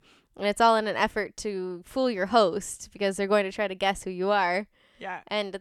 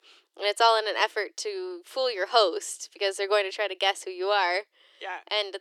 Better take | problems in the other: first | thin; very; fading below 350 Hz

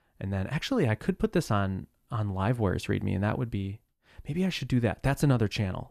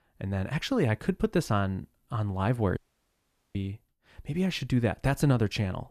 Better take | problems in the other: first | audio cutting out; at 3 s for 1 s

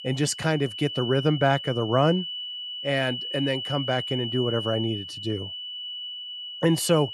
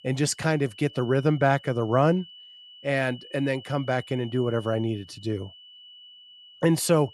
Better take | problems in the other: second | high-pitched whine; loud; throughout; 3 kHz, 6 dB below the speech; faint in the second

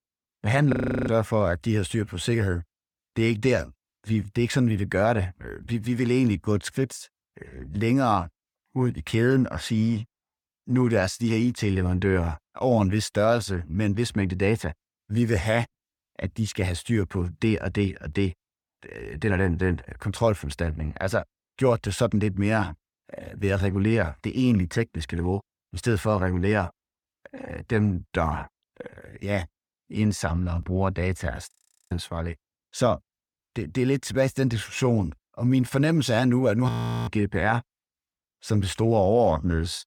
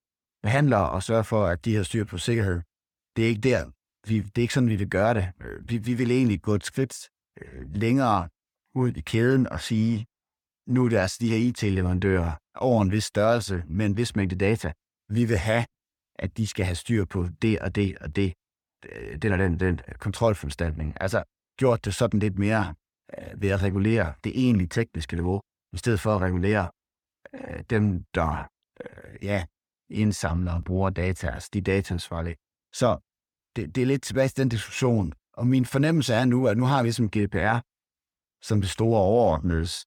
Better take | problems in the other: second | audio freezing; at 0.5 s, at 32 s and at 37 s

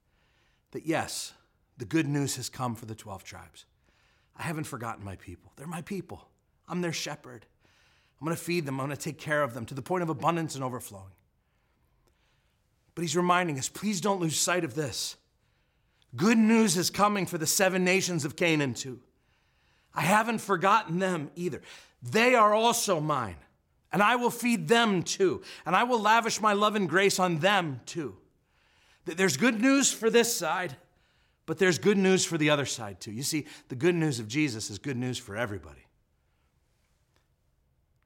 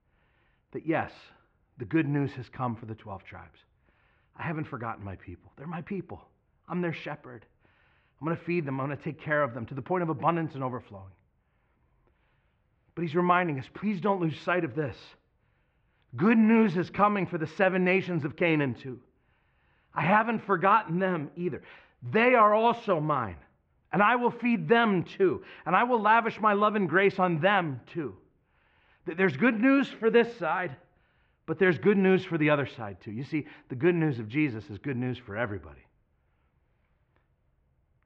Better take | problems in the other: first | muffled; very; fading above 2.5 kHz

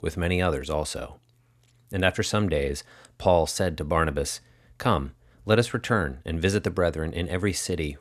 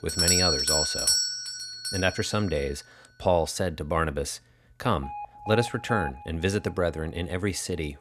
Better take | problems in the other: first | alarms or sirens; very loud; throughout; 2 dB above the speech

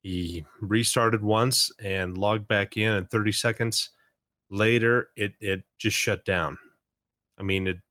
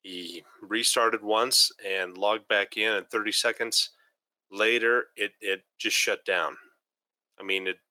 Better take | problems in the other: first | thin; very; fading below 400 Hz

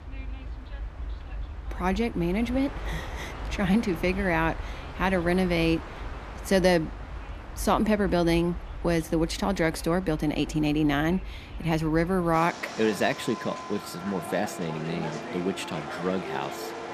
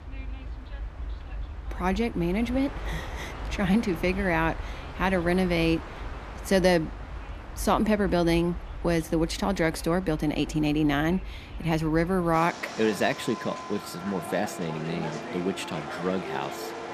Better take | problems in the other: neither | train or aircraft noise; noticeable; throughout; 10 dB below the speech; the same in both

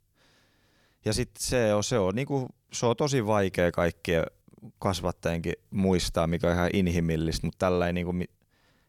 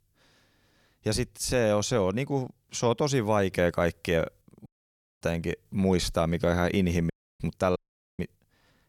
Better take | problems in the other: first | audio cutting out; at 4.5 s for 0.5 s, at 7 s and at 8 s

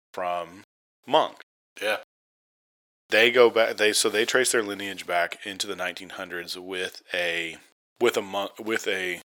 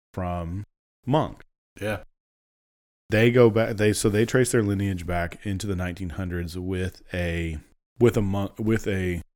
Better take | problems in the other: second | thin; very; fading below 600 Hz

